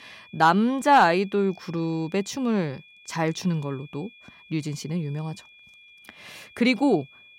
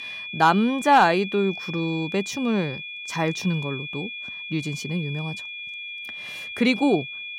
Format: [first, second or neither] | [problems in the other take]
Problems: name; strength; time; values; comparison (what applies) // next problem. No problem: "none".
first | high-pitched whine; loud; throughout; 2.5 kHz, 9 dB below the speech; faint in the first